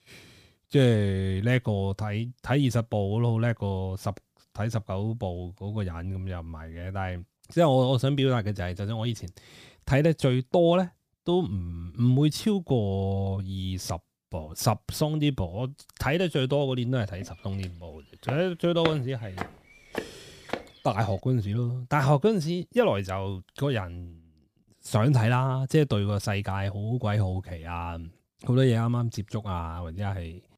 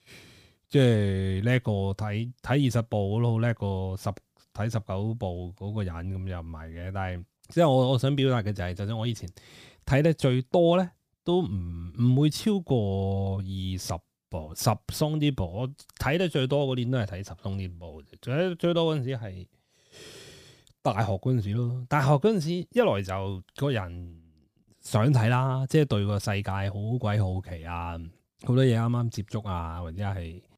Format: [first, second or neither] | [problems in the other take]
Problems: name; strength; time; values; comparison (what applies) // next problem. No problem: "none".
second | footsteps; noticeable; from 17 to 21 s; peak 6 dB below the speech